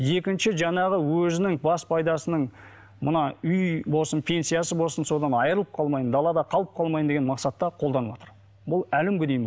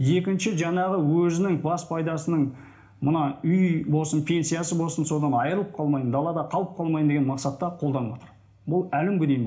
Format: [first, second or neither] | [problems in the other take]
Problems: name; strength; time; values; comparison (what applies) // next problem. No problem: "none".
first | room echo; dies away in 0.4 s